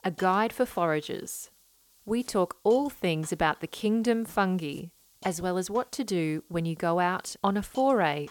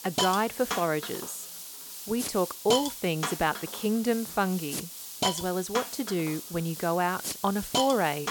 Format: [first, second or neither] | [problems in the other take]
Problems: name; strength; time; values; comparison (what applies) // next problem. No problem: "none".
first | hiss; loud; throughout; 5 dB below the speech; faint in the first